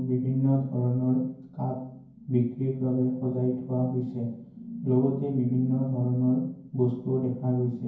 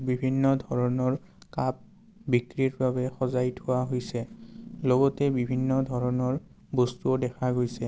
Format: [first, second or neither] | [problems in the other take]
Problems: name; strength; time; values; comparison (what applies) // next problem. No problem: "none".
second | room echo; dies away in 0.9 s